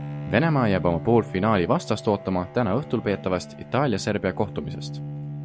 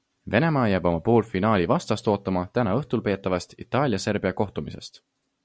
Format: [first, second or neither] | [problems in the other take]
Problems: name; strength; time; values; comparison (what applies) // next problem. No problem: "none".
second | background sound (Bowed string instrument); 11 dB below the speech